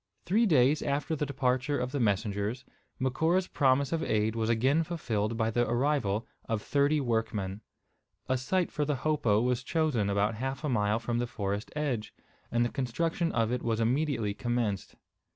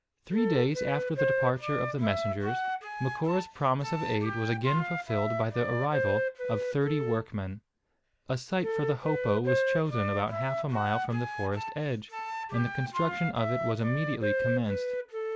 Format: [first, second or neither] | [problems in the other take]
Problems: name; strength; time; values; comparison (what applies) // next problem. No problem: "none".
first | background sound (Wind instrument, woodwind instrument); 2 dB below the speech